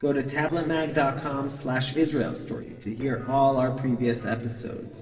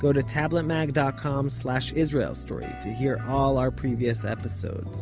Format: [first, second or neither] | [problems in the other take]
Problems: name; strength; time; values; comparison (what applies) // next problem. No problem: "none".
second | noise reduction (neural separator model SepFormer DNS4)